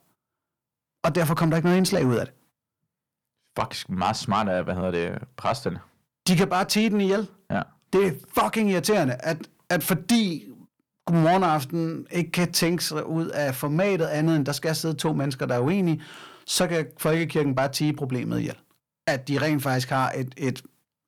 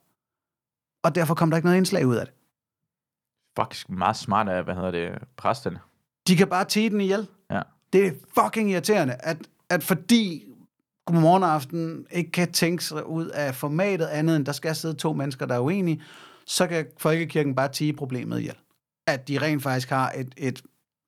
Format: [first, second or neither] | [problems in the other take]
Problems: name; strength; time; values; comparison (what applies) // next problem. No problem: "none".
second | distortion; slight; 10 dB below the speech